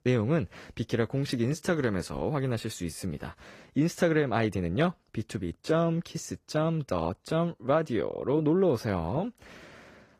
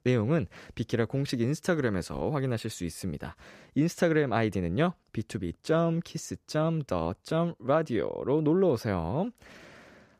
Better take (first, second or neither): second